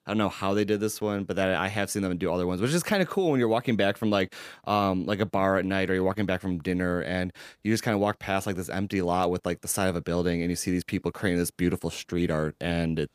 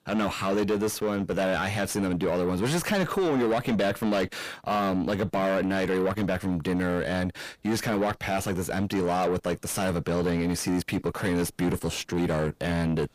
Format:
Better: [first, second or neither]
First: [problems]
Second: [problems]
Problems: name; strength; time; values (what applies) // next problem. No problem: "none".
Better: first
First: none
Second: distortion; heavy; 5 dB below the speech